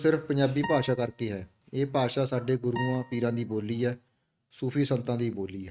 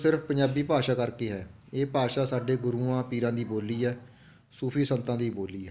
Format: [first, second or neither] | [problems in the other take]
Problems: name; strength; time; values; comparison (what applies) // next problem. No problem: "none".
second | noise reduction (neural mask model RNNoise)